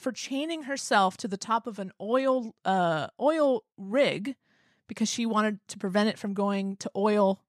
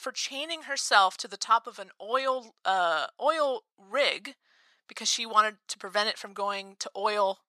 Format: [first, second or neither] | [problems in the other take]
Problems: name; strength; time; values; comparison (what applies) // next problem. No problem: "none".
first | thin; very; fading below 750 Hz